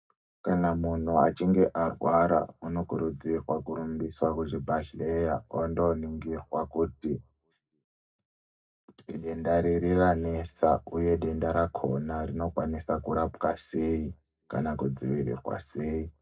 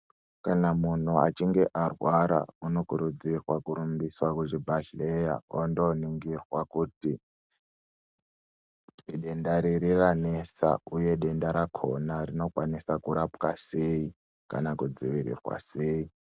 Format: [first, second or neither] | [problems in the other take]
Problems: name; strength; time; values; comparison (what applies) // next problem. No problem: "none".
second | room echo; dies away in 0.2 s